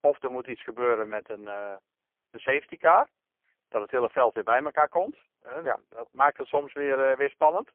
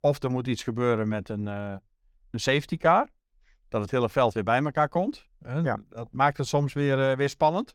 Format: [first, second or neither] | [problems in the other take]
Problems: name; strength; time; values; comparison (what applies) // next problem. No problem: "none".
second | phone-call audio; poor line